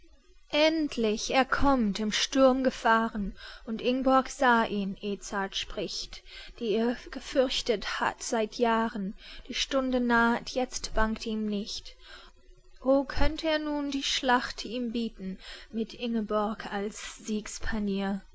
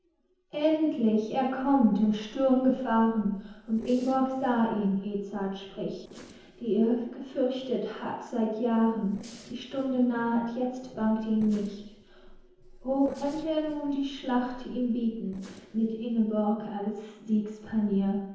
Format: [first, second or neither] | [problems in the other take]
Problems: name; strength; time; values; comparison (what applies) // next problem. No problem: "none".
first | noise reduction (neural separator model SepFormer DNS4)